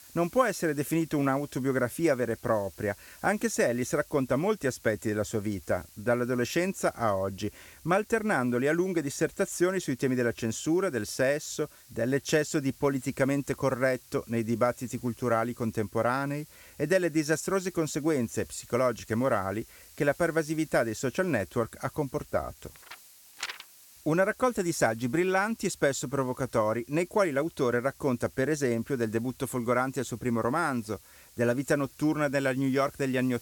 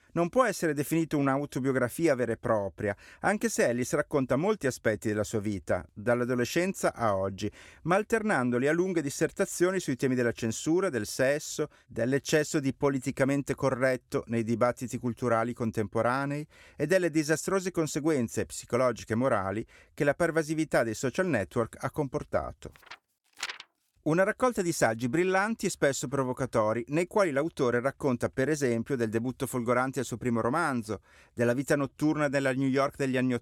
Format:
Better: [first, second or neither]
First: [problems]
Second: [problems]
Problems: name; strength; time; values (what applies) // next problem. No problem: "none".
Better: second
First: hiss; faint; throughout; 25 dB below the speech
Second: none